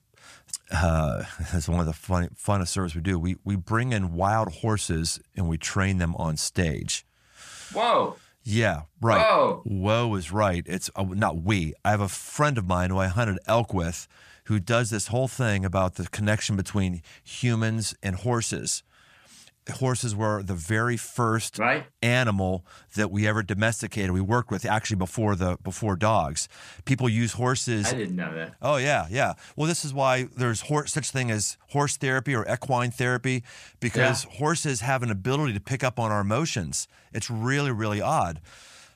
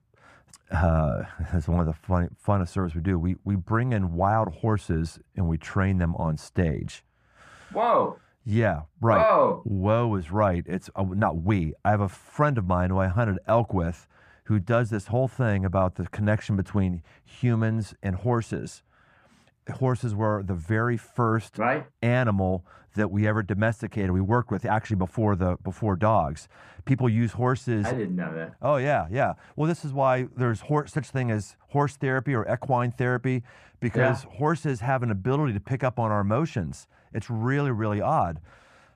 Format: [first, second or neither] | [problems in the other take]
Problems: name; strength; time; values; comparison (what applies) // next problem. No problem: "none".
first | muffled; very; fading above 2.5 kHz